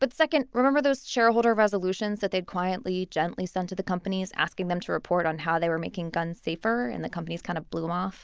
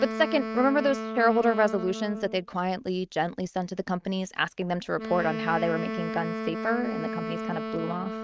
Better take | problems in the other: first | noise reduction (neural mask model RNNoise)

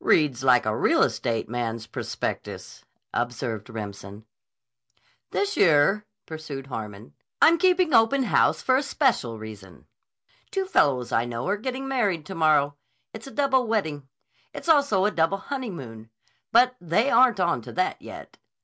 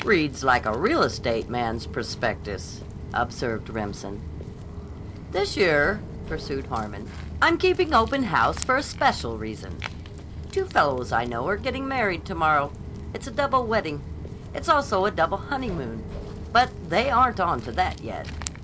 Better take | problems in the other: first | background sound (Walk, footsteps); 10 dB below the speech

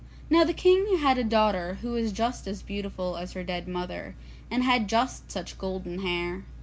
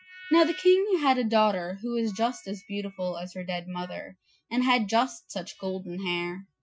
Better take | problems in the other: first | noise reduction (classical method Wiener filter)

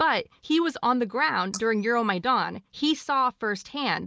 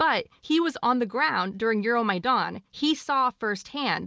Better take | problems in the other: second | noise reduction (neural mask model Resemble Enhance denoiser)

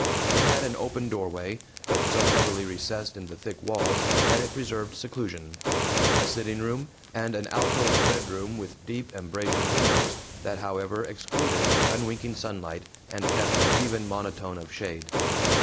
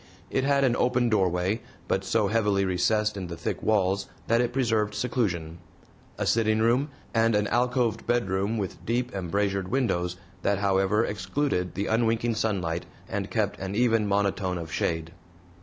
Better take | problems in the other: second | background sound (Fire); 4 dB above the speech

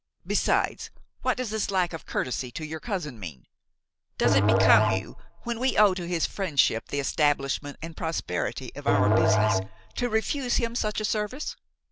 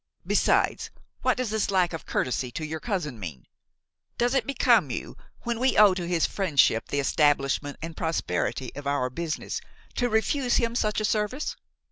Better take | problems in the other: second | background sound (Musical instrument); 1 dB above the speech

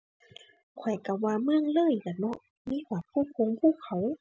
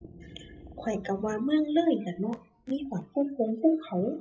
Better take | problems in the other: first | noise reduction (classical method WPE with log-MMSE)

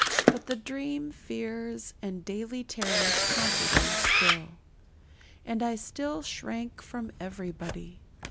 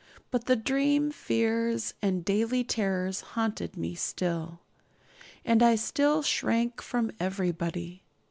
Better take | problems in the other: second | background sound (Camera); 4 dB above the speech

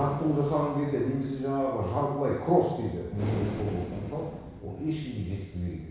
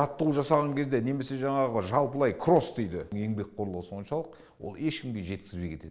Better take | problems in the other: second | background sound (Breathing); 12 dB below the speech // room echo; dies away in 1.1 s

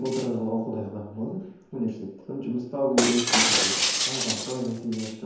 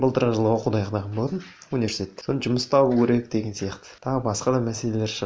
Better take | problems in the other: second | background sound (Shatter); as loud as the speech // room echo; dies away in 0.9 s

